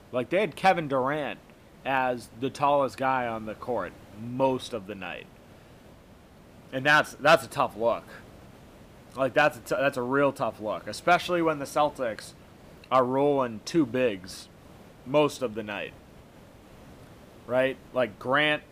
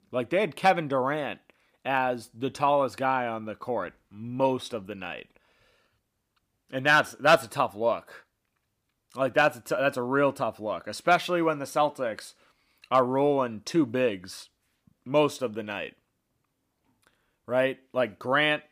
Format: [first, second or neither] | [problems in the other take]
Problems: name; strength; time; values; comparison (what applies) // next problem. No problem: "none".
second | hiss; faint; throughout; 25 dB below the speech